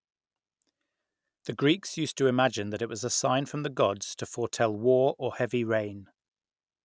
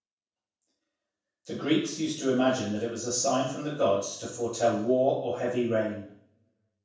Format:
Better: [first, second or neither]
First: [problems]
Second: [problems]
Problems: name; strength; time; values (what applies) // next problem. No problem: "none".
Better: first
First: none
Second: room echo; dies away in 0.6 s